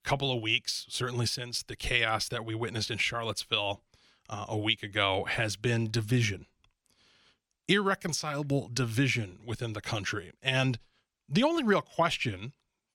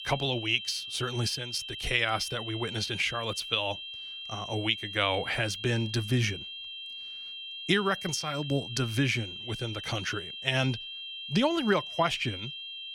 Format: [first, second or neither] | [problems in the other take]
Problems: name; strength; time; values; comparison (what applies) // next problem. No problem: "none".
first | high-pitched whine; loud; throughout; 3 kHz, 8 dB below the speech